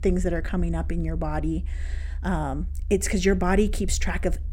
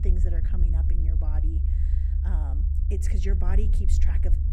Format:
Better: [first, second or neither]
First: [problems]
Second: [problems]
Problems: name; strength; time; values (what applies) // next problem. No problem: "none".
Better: first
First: low rumble; faint; throughout; 25 dB below the speech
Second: low rumble; loud; throughout; 1 dB below the speech